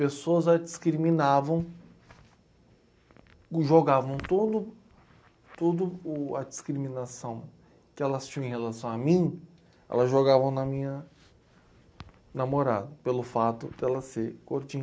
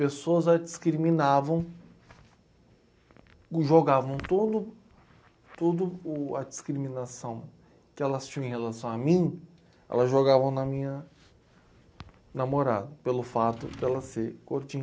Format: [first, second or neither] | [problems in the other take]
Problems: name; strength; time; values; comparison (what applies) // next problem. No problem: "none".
first | background sound (Drawer open or close); 19 dB below the speech